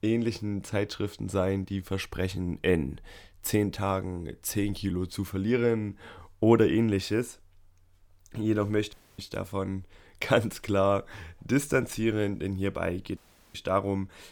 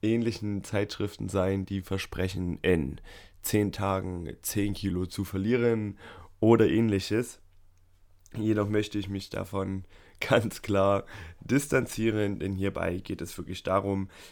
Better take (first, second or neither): second